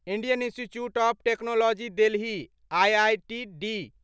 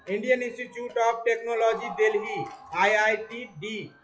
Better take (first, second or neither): first